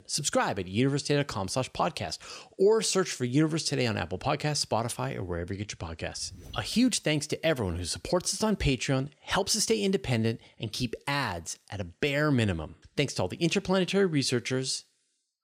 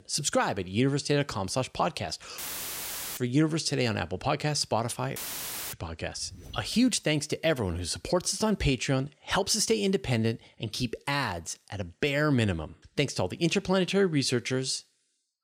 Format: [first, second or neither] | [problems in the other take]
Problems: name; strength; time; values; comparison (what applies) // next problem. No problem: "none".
first | audio cutting out; filled with static; at 2.5 s for 1 s and at 5 s for 0.5 s